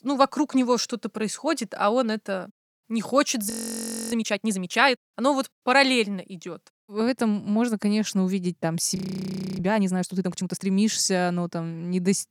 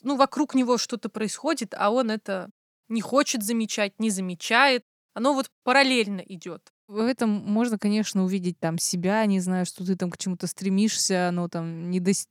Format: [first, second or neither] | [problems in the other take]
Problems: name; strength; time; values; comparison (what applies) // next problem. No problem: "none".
second | audio freezing; at 3.5 s for 0.5 s and at 9 s for 0.5 s